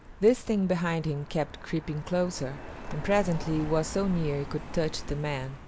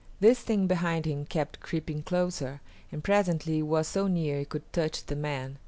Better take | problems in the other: second | background sound (Car passing by); 10 dB below the speech

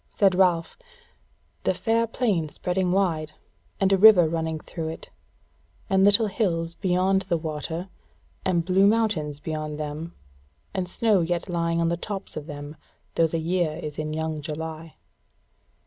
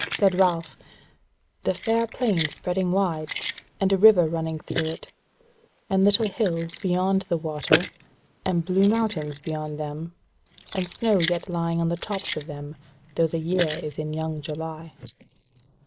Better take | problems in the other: first | noise reduction (neural mask model Resemble Enhance denoiser)

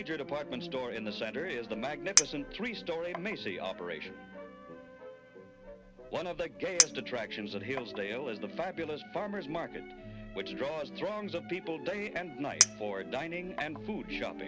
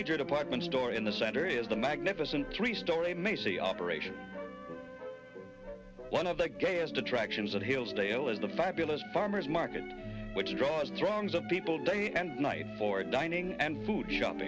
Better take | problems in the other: second | background sound (Chink, clink); 1 dB above the speech

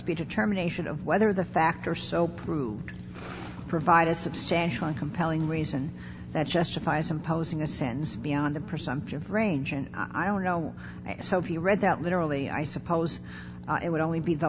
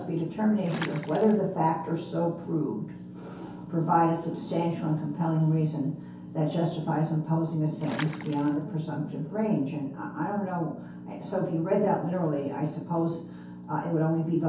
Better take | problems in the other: first | background sound (Water / Splash, splatter); 13 dB below the speech // room echo; dies away in 0.6 s

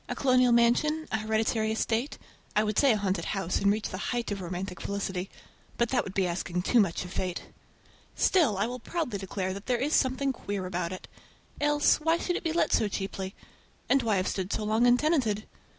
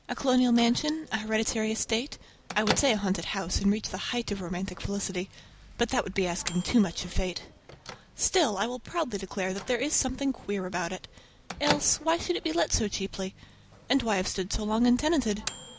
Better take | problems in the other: first | background sound (Microwave oven / Bell); 13 dB below the speech

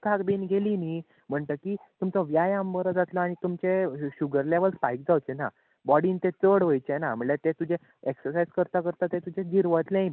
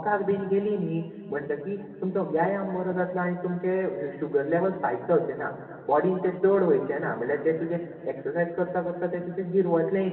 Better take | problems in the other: first | room echo; dies away in 2.4 s

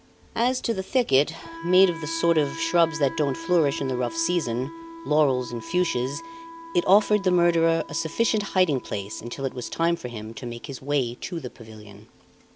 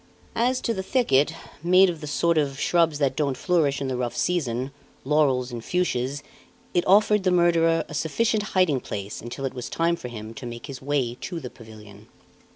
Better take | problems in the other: second | background sound (Wind instrument, woodwind instrument); 16 dB below the speech

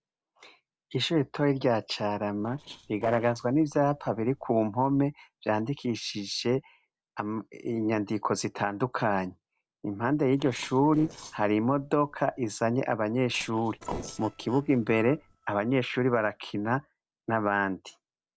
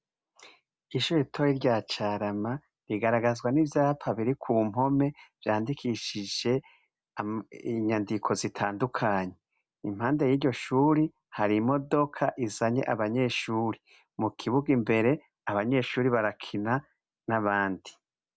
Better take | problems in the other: second | noise reduction (neural separator model SepFormer DNS4)

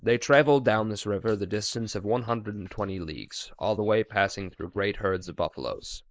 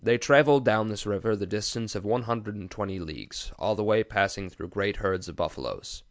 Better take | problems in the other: second | noise reduction (neural mask model Resemble Enhance denoiser)

